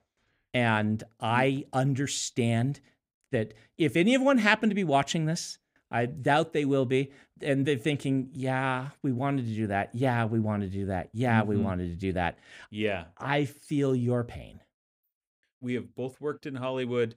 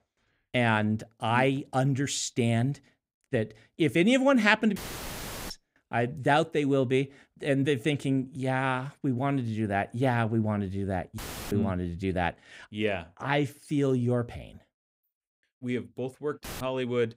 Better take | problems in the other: first | audio cutting out; filled with static; at 5 s for 0.5 s, at 11 s and at 16 s

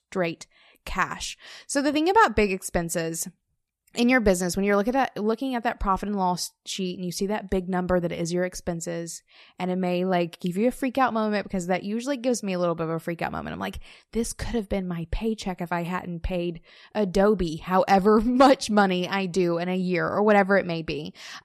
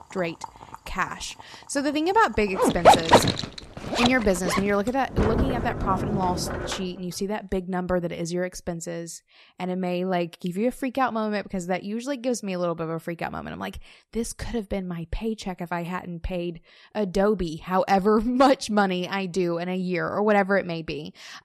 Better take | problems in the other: first | household noises; very loud; until 7 s; 3 dB above the speech

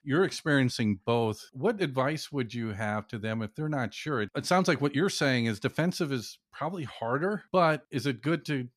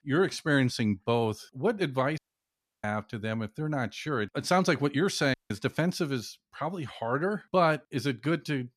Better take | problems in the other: first | audio cutting out; at 2 s for 0.5 s and at 5.5 s

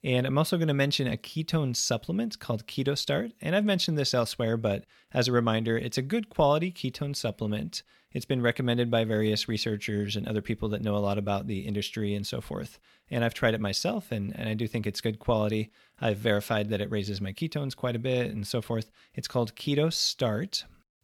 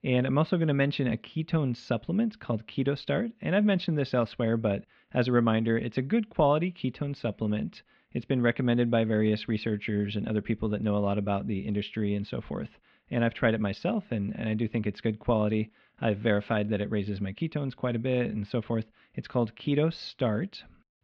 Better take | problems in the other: first | muffled; very; fading above 3 kHz

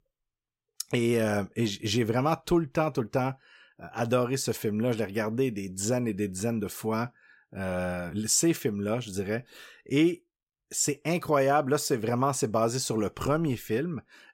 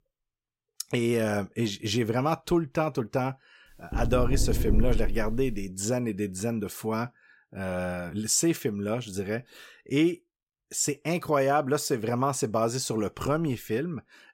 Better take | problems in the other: first | door banging; loud; from 4 to 5.5 s; peak level with the speech

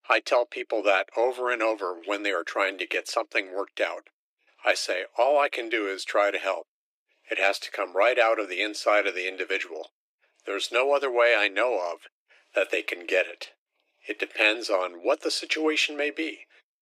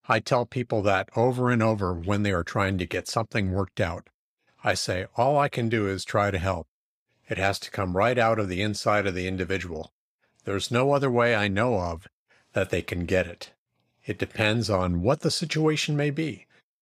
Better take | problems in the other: second | thin; very; fading below 300 Hz

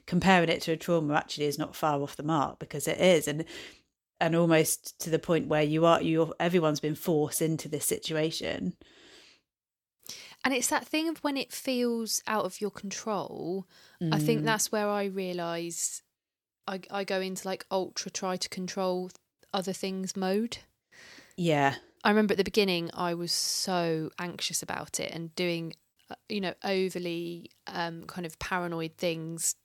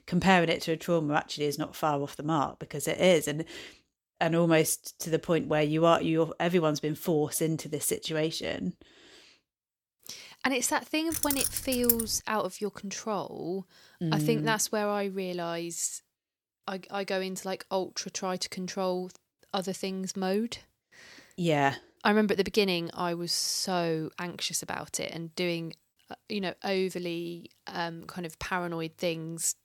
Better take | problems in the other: first | jangling keys; loud; at 11 s; peak 3 dB above the speech

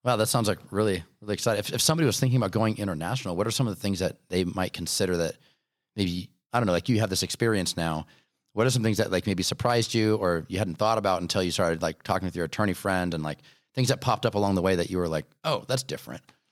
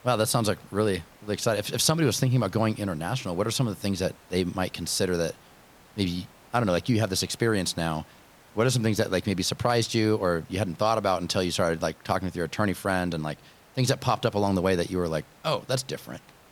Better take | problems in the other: first | hiss; faint; throughout; 25 dB below the speech

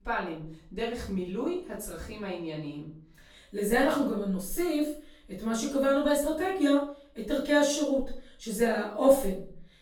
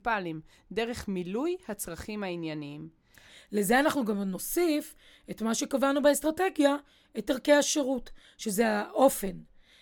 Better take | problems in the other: second | off-mic speech; far // room echo; noticeable; dies away in 0.4 s

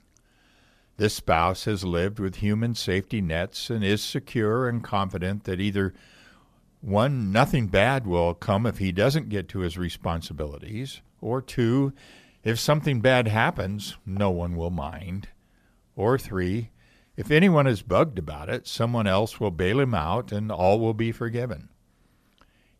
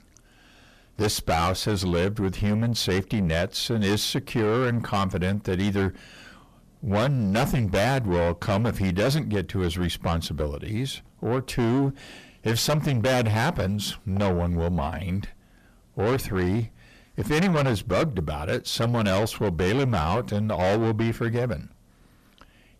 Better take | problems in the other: first | distortion; heavy; 6 dB below the speech

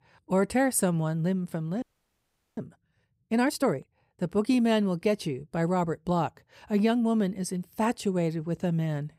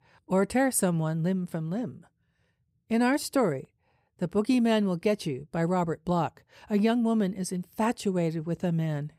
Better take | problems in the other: second | audio freezing; at 2 s for 0.5 s

